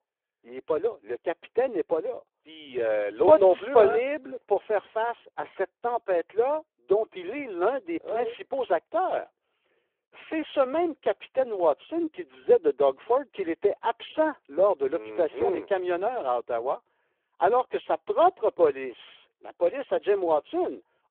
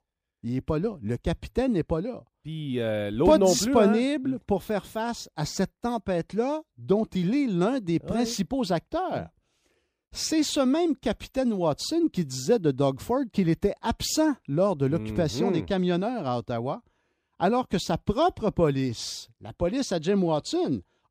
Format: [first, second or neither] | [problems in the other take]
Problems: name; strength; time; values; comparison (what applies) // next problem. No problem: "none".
second | phone-call audio; poor line